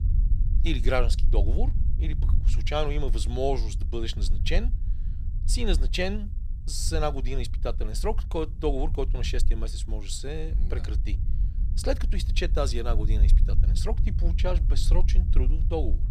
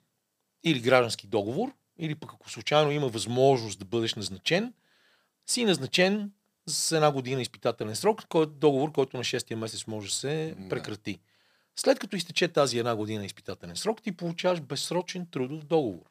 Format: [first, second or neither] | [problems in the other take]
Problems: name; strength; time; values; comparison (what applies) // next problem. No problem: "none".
second | low rumble; noticeable; throughout; 15 dB below the speech